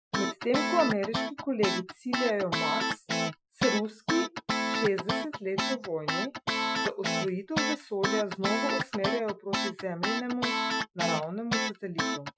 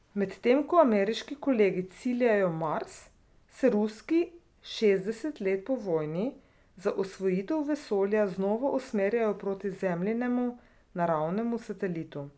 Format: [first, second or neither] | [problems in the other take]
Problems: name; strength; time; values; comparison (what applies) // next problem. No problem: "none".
second | noise reduction (classical method Wiener filter)